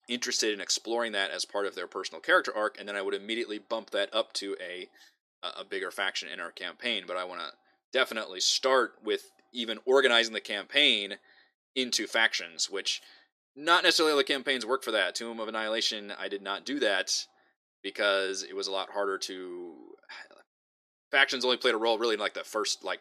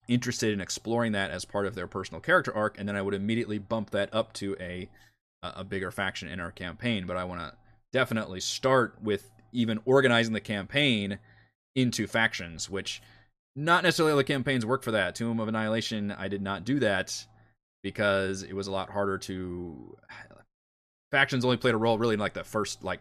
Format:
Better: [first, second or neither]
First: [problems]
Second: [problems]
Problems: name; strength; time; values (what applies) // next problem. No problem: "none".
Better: second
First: thin; somewhat; fading below 350 Hz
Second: none